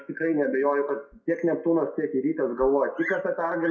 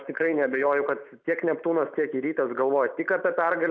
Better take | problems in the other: second | noise reduction (classical method WPE with log-MMSE)

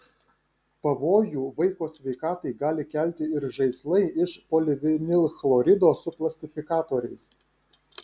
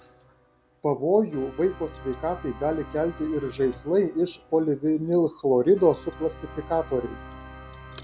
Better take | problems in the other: first | background sound (Organ); 18 dB below the speech

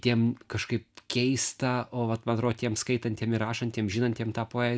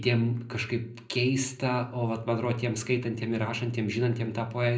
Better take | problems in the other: first | room echo; dies away in 0.4 s

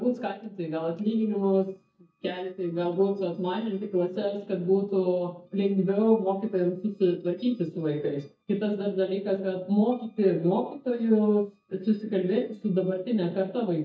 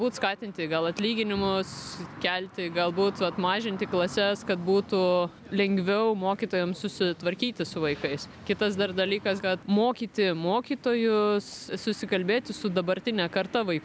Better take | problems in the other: second | noise reduction (neural mask model DeepFilterNet 3)

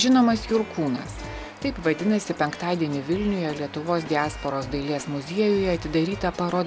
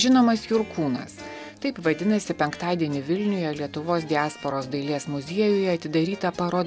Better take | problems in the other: second | background sound (Bird vocalization, bird call, bird song + Drum kit); 15 dB below the speech

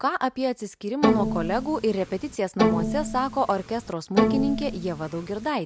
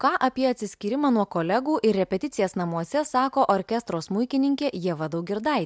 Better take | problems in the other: second | background sound (Bowed string instrument); as loud as the speech

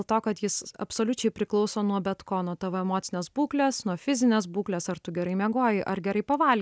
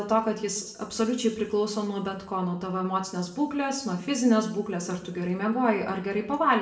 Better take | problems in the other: first | room echo; dies away in 0.7 s

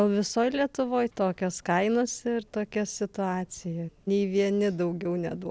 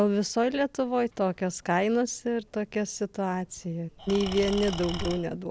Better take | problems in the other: first | background sound (Engine / Tools); 8 dB below the speech

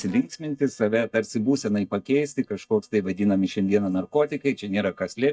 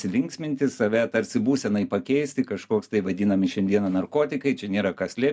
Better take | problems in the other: second | noise reduction (neural mask model DeepFilterNet 3)

